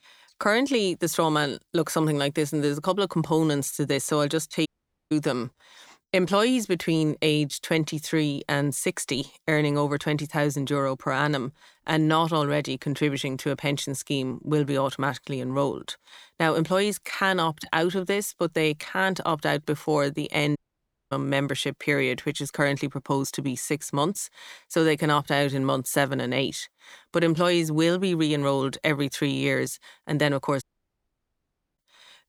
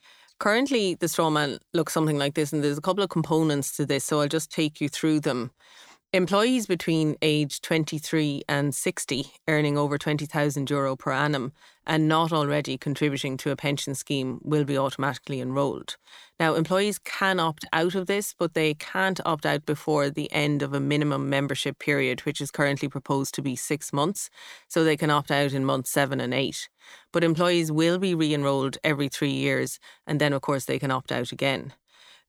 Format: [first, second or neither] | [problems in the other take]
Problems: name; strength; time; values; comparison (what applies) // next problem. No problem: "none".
second | audio cutting out; at 4.5 s, at 21 s for 0.5 s and at 31 s for 1 s